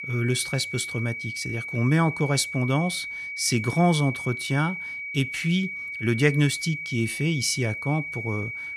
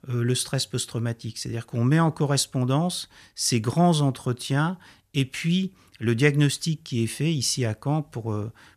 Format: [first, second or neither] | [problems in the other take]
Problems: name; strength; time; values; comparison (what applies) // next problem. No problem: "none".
second | high-pitched whine; loud; throughout; 2.5 kHz, 6 dB below the speech